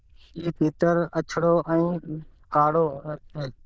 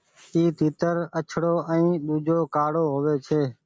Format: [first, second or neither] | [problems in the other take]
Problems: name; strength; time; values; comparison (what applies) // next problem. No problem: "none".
second | noise reduction (neural diffusion model UNIVERSE++)